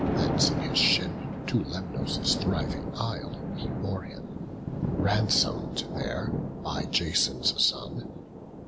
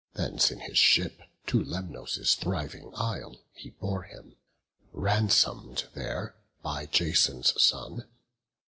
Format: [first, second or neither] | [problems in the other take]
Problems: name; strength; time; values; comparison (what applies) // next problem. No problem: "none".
second | background sound (Thunder); 1 dB below the speech